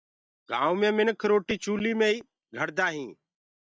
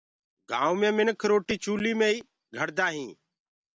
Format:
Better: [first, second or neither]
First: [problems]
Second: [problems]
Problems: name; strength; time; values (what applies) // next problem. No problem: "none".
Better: second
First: noise reduction (neural mask model DeepFilterNet 3)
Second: none